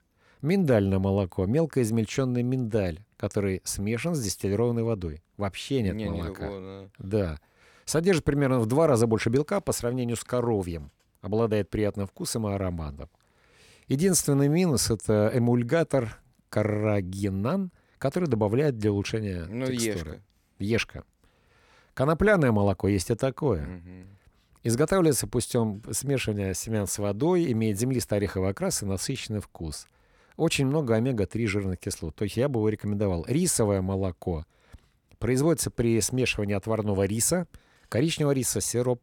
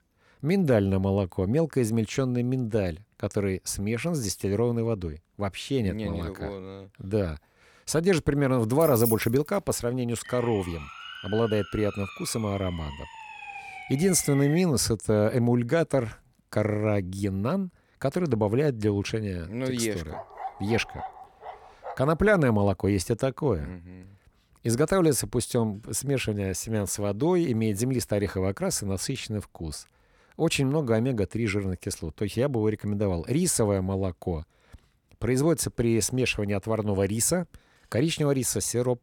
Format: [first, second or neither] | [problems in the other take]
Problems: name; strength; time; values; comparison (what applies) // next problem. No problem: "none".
first | jangling keys; noticeable; at 9 s; peak 3 dB below the speech // siren; faint; from 10 to 15 s; peak 10 dB below the speech // dog barking; faint; from 20 to 22 s; peak 10 dB below the speech